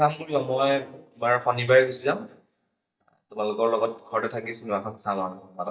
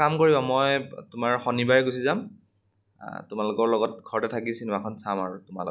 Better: second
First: noise reduction (neural mask model DeepFilterNet 3)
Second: none

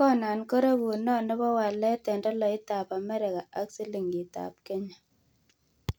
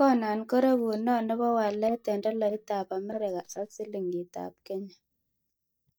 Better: first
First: none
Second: noise reduction (neural mask model DeepFilterNet 3)

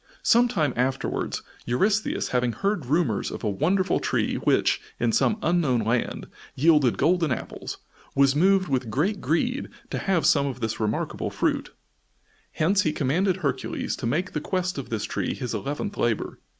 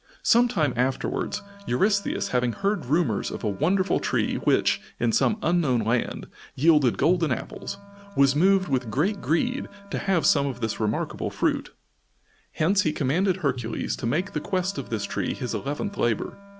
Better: first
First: none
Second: background sound (Drum + Wind instrument, woodwind instrument); 20 dB below the speech

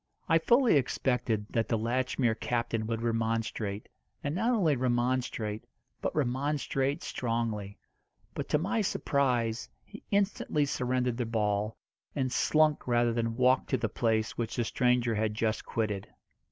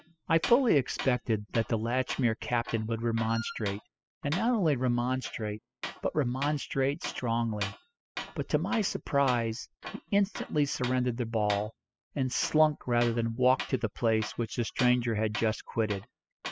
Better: first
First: none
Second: noise reduction (classical method spectral subtraction)

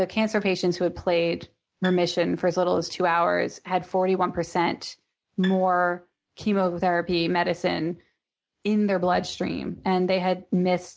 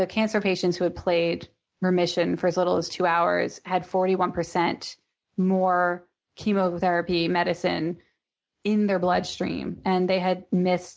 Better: second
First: background sound (Bowed string instrument); 18 dB below the speech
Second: none

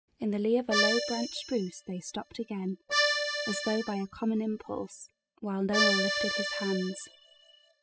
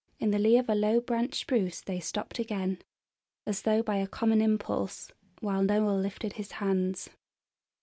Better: second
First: noise reduction (classical method spectral subtraction)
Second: none

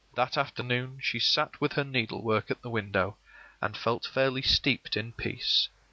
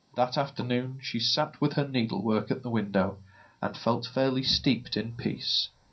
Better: first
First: none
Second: room echo; dies away in 0.3 s

